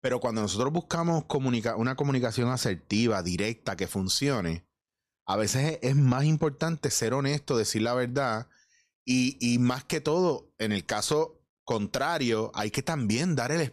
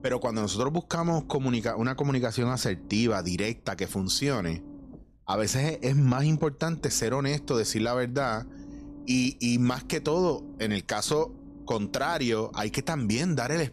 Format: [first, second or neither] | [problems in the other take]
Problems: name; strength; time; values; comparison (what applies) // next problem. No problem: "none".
first | low rumble; faint; throughout; 20 dB below the speech